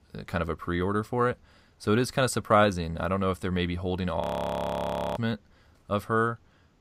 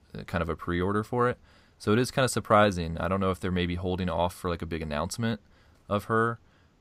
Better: second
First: audio freezing; at 4 s for 1 s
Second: none

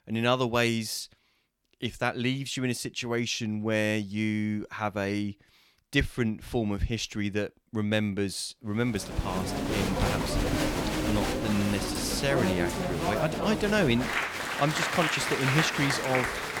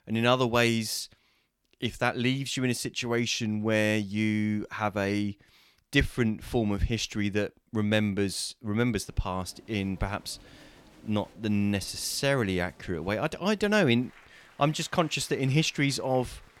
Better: second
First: crowd noise; loud; from 9.5 s on; as loud as the speech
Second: crowd noise; faint; from 9.5 s on; 25 dB below the speech

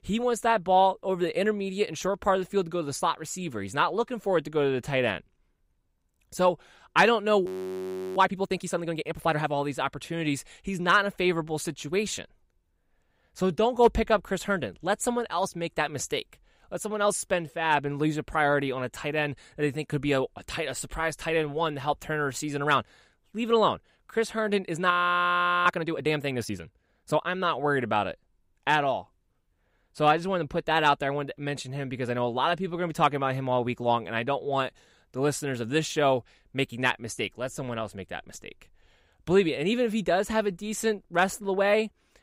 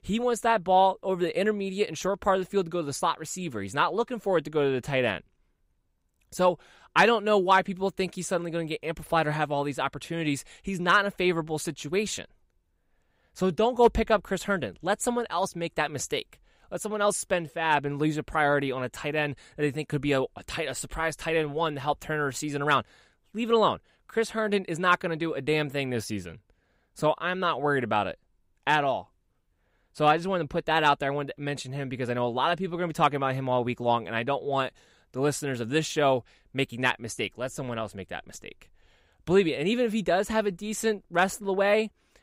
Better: second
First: audio freezing; at 7.5 s for 0.5 s and at 25 s for 1 s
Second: none

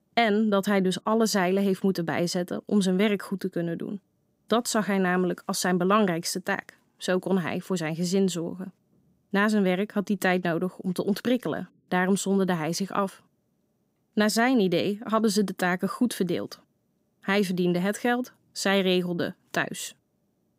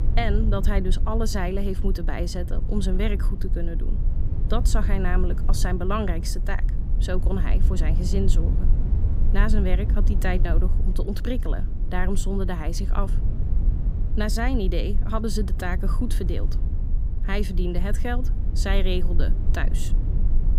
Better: first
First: none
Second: low rumble; noticeable; throughout; 10 dB below the speech

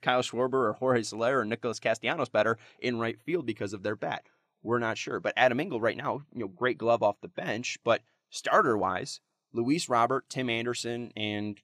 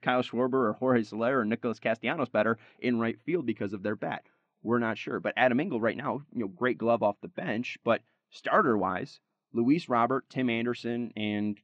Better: first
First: none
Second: muffled; slightly; fading above 2.5 kHz

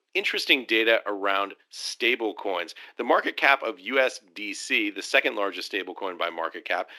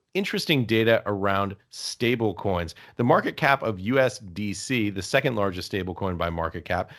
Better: second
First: thin; somewhat; fading below 300 Hz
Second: none

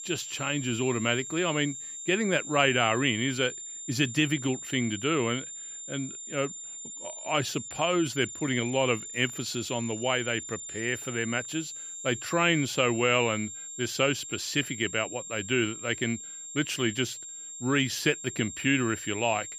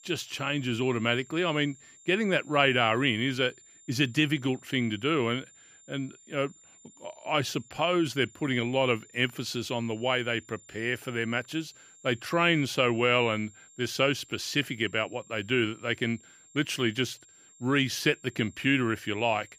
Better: second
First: high-pitched whine; loud; throughout; 7 kHz, 9 dB below the speech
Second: high-pitched whine; faint; throughout; 7 kHz, 25 dB below the speech

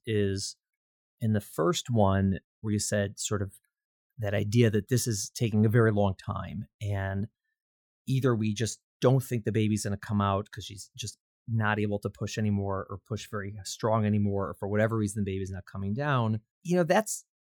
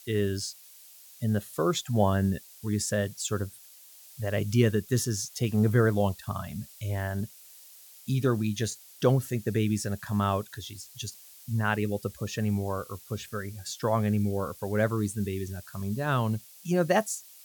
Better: first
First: none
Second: hiss; noticeable; throughout; 20 dB below the speech

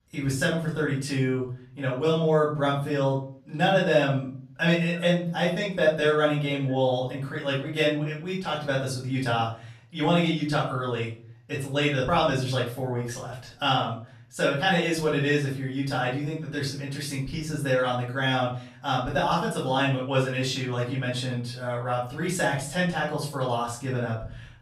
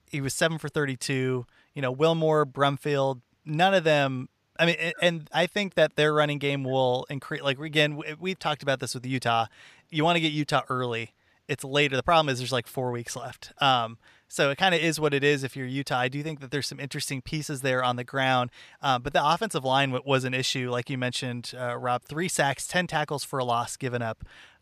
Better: second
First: off-mic speech; far // room echo; noticeable; dies away in 0.6 s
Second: none

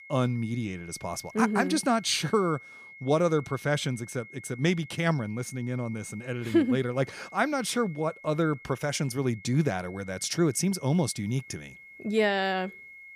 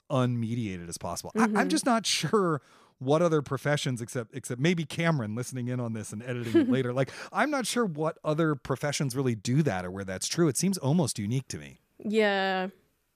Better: second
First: high-pitched whine; noticeable; throughout; 2 kHz, 20 dB below the speech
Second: none

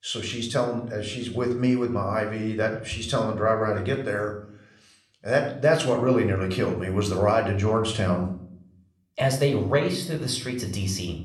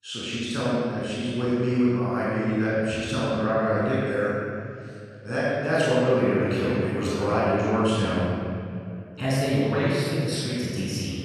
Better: first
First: room echo; slight; dies away in 0.5 s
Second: room echo; strong; dies away in 2.6 s // off-mic speech; far

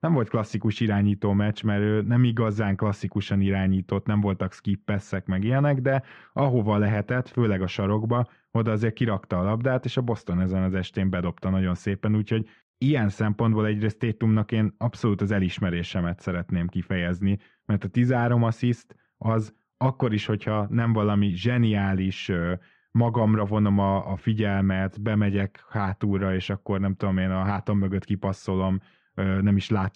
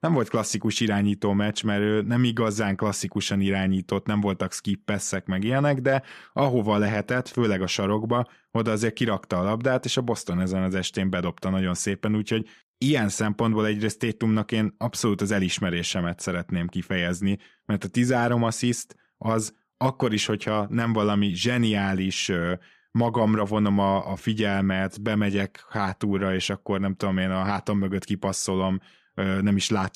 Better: second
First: muffled; slightly; fading above 2.5 kHz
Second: none

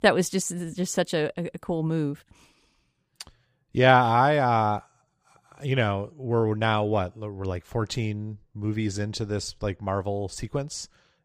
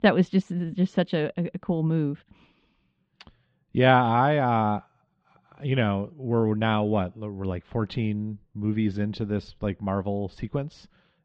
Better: first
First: none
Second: muffled; slightly; fading above 3.5 kHz

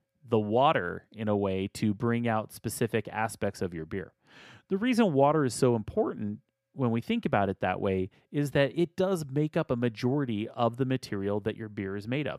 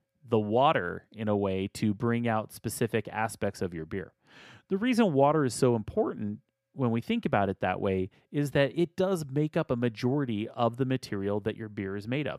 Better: neither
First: none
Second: none

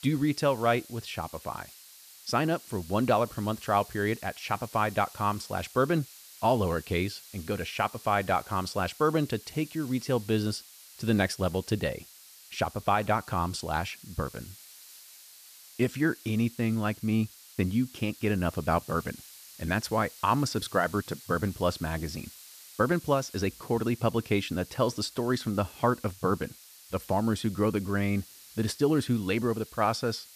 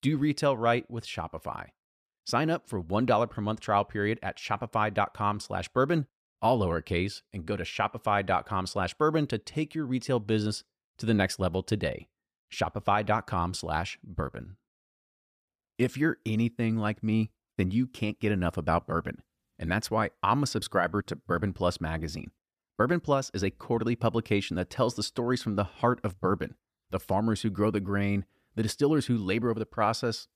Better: second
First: hiss; noticeable; throughout; 20 dB below the speech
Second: none

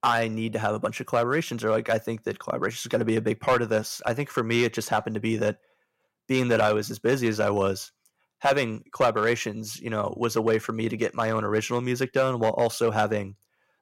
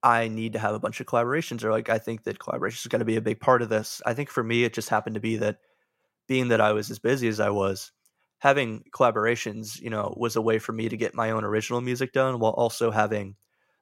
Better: second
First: distortion; slight; 2% of the sound clipped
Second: none

